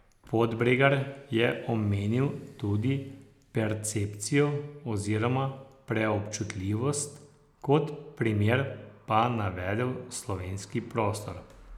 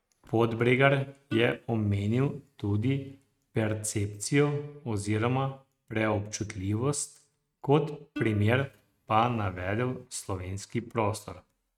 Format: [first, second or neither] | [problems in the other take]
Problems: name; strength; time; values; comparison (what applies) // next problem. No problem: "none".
first | noise reduction (neural mask model RNNoise)